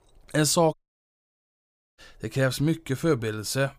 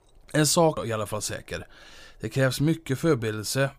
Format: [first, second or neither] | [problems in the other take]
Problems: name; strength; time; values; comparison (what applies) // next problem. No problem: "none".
second | audio cutting out; at 0.5 s for 1 s